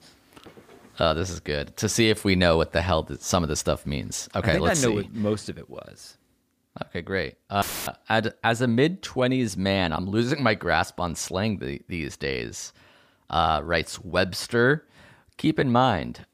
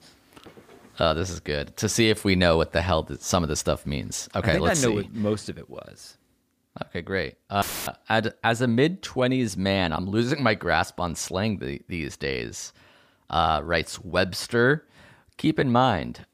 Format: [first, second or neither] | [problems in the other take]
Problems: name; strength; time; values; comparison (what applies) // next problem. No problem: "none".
neither | audio cutting out; filled with static; at 7.5 s; the same in both